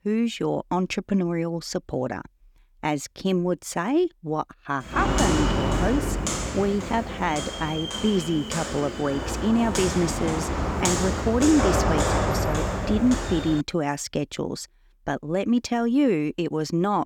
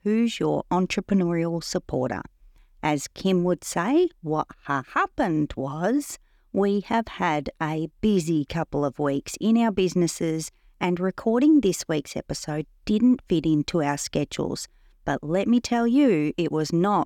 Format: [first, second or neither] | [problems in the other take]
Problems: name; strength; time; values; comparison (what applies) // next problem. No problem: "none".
second | footsteps; loud; from 5 to 14 s; peak 4 dB above the speech